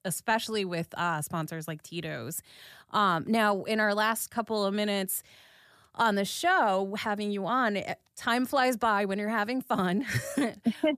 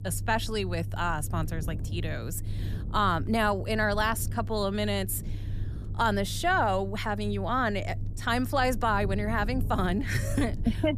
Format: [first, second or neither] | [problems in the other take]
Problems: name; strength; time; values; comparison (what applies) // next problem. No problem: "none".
first | low rumble; faint; throughout; 20 dB below the speech